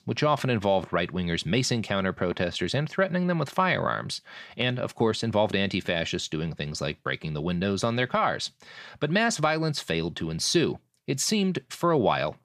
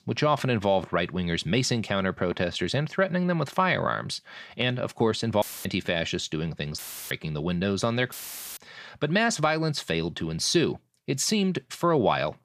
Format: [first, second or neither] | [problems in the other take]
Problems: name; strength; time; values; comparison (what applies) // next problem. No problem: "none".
first | audio cutting out; filled with static; at 5.5 s, at 7 s and at 8 s